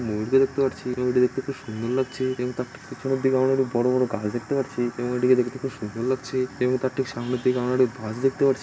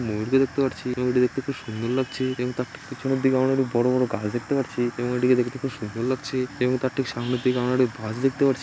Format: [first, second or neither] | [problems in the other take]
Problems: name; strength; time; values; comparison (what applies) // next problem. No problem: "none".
second | room echo; dies away in 1 s